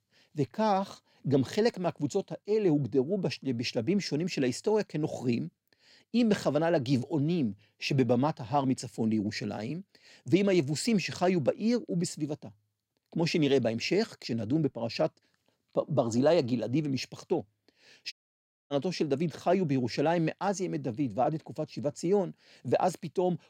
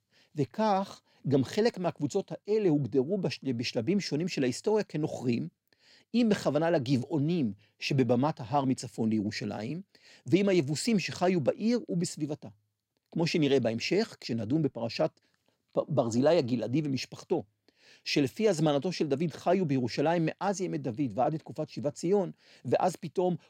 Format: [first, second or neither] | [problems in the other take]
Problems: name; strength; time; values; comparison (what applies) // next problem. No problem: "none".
second | audio cutting out; at 18 s for 0.5 s